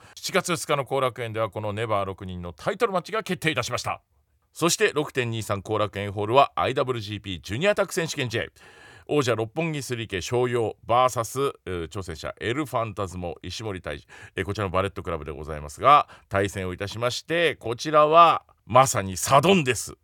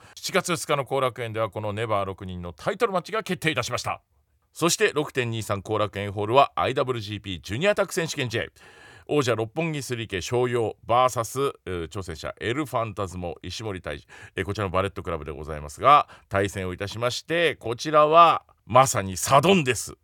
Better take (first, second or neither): neither